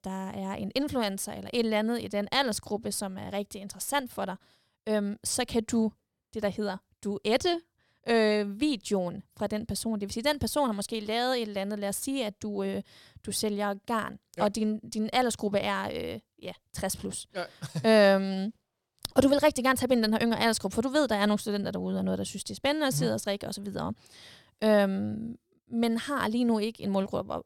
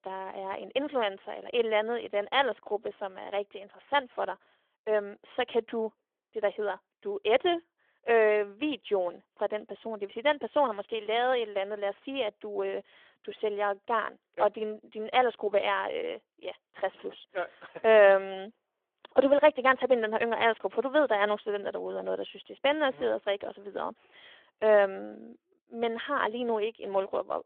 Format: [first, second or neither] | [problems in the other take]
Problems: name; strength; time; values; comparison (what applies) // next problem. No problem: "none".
first | phone-call audio; nothing above 3.5 kHz